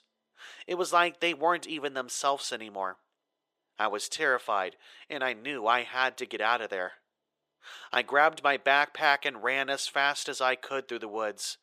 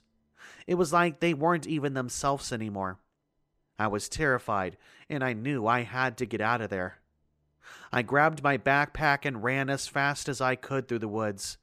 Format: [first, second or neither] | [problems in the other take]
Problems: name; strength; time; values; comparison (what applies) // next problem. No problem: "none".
second | thin; somewhat; fading below 550 Hz